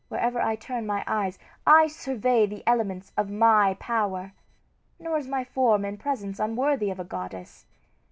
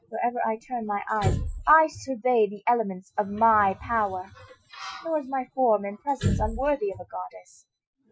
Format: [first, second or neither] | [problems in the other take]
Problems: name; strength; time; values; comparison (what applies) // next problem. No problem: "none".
first | noise reduction (classical method Wiener filter)